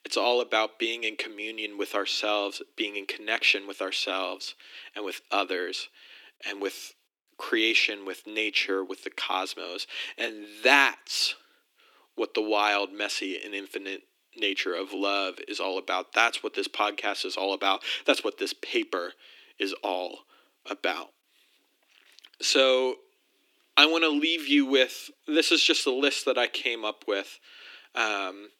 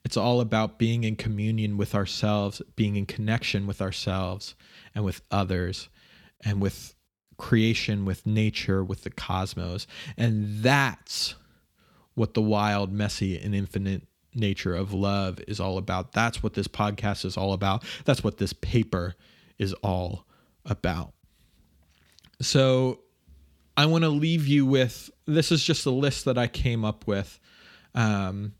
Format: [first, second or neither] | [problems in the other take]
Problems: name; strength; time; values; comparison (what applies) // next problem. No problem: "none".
second | thin; somewhat; fading below 300 Hz